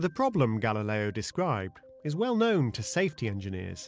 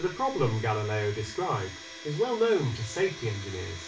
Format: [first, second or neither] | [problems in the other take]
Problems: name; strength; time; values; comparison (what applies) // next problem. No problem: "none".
first | background sound (Domestic sounds, home sounds); 14 dB below the speech // room echo; dies away in 0.3 s